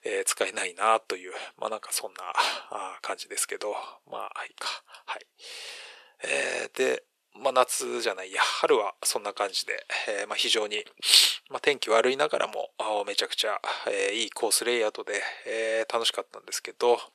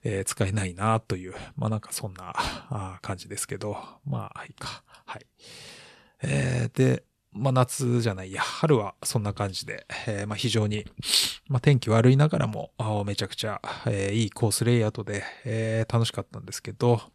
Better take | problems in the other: second | thin; very; fading below 400 Hz

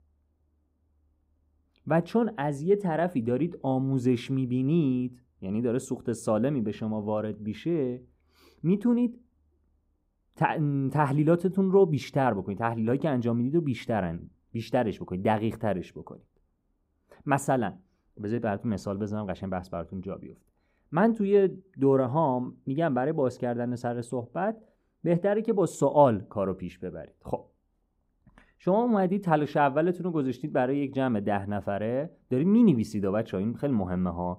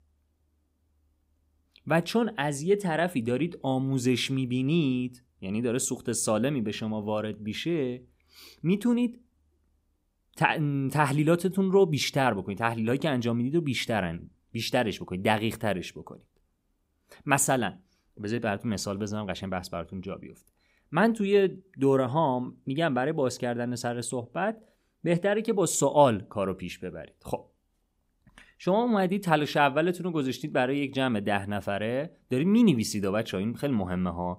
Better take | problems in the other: second | muffled; slightly; fading above 2 kHz

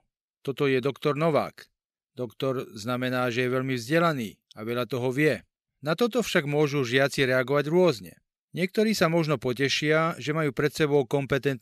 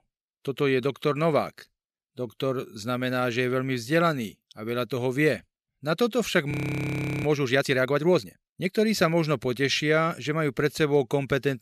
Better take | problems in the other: first | audio freezing; at 6.5 s for 0.5 s

